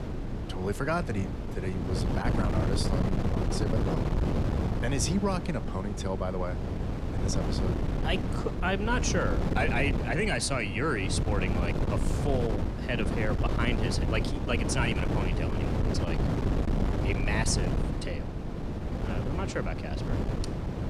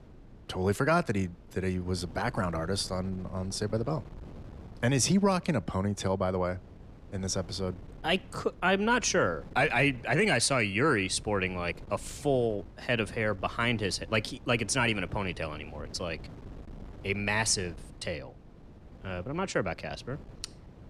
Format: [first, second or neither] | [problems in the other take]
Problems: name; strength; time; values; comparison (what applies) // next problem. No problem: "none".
second | wind noise on the microphone; heavy; 4 dB below the speech; occasional gusts in the second